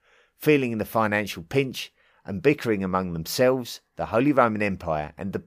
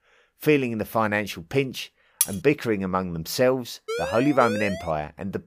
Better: first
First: none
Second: clattering dishes; very faint; at 2 s; peak level with the speech // siren; noticeable; from 4 to 5 s; peak 5 dB below the speech

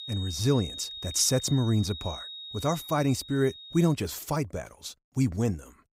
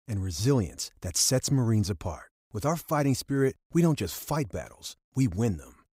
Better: second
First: high-pitched whine; noticeable; until 4 s; 3.5 kHz, 10 dB below the speech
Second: none

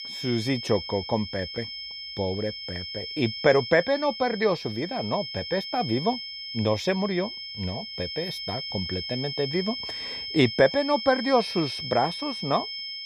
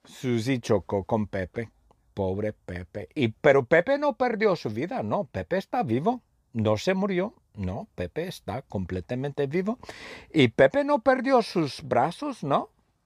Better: second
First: high-pitched whine; loud; throughout; 5 kHz, 6 dB below the speech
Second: none

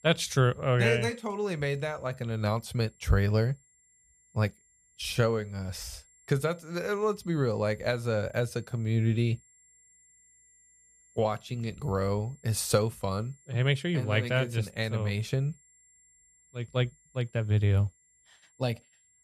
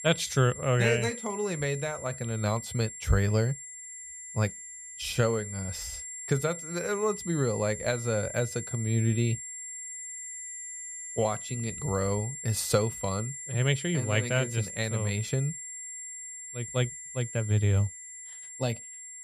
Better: first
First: high-pitched whine; faint; throughout; 7.5 kHz, 30 dB below the speech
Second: high-pitched whine; loud; throughout; 7.5 kHz, 8 dB below the speech

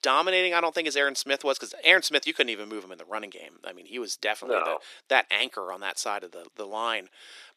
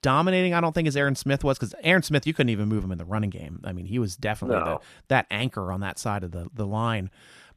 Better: second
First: thin; very; fading below 350 Hz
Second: none

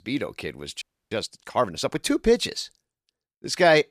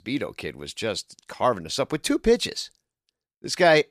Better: second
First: audio freezing; at 1 s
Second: none

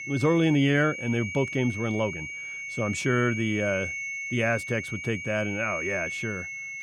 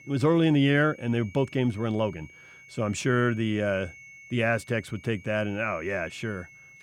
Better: second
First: high-pitched whine; loud; throughout; 2.5 kHz, 6 dB below the speech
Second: high-pitched whine; faint; throughout; 2.5 kHz, 20 dB below the speech

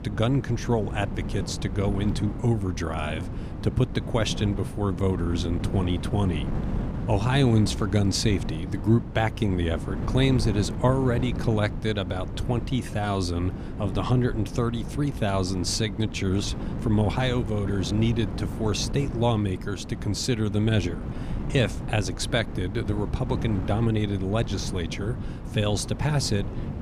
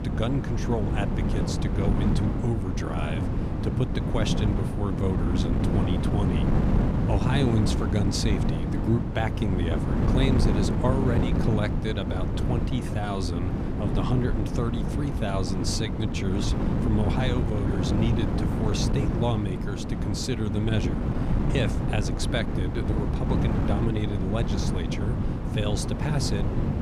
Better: first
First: wind noise on the microphone; occasional gusts; 10 dB below the speech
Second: wind noise on the microphone; heavy; 1 dB below the speech

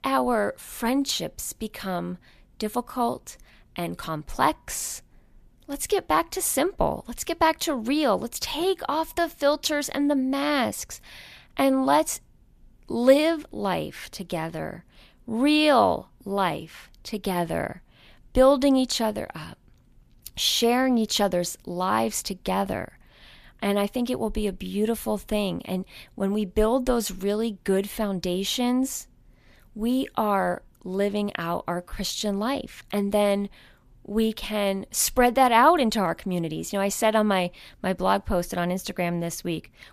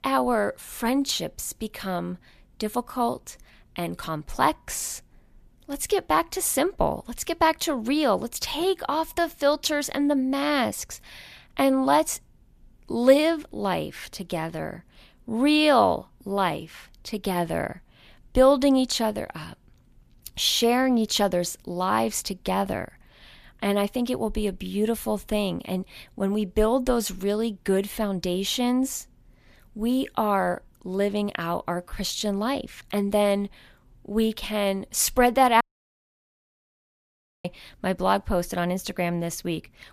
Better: first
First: none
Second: audio cutting out; at 36 s for 2 s

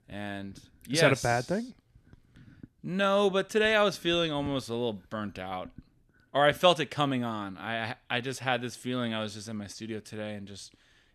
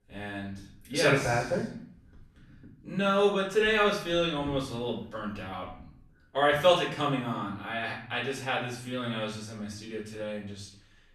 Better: first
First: none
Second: off-mic speech; far // room echo; noticeable; dies away in 0.5 s

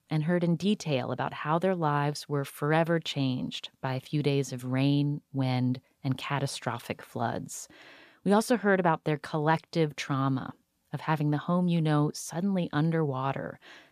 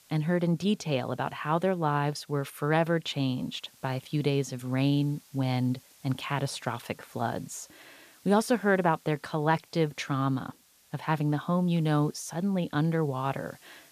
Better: first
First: none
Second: hiss; faint; throughout; 30 dB below the speech

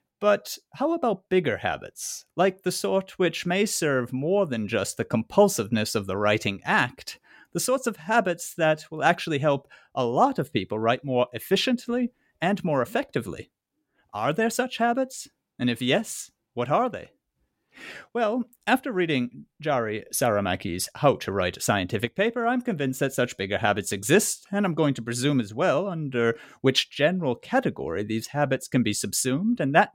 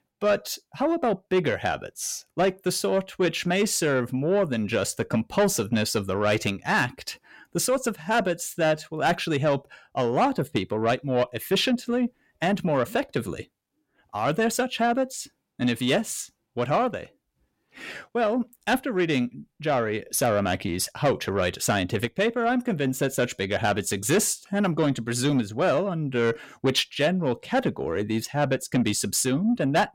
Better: first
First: none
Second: distortion; slight; 10 dB below the speech

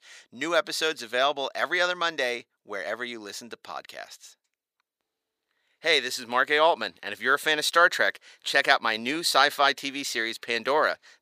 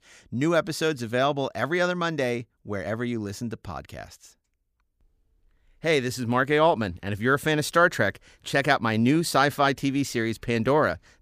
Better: second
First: thin; somewhat; fading below 550 Hz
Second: none

